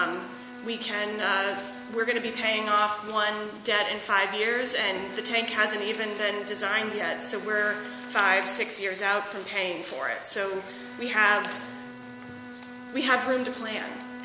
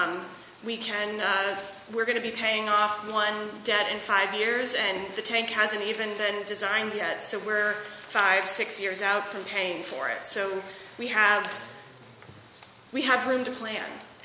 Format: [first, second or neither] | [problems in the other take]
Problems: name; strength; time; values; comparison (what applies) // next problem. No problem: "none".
second | background sound (Bowed string instrument); 14 dB below the speech